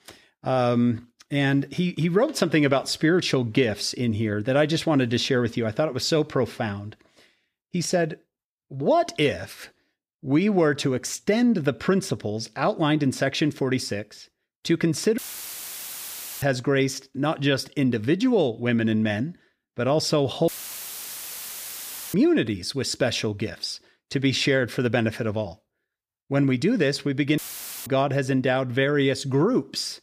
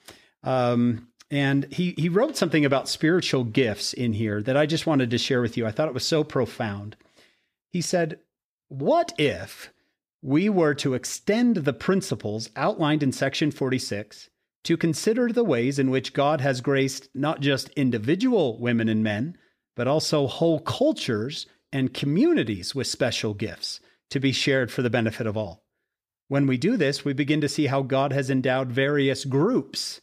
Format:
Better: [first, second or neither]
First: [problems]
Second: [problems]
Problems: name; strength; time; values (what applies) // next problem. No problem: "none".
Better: second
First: audio cutting out; filled with static; at 15 s for 1 s, at 20 s for 1.5 s and at 27 s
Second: none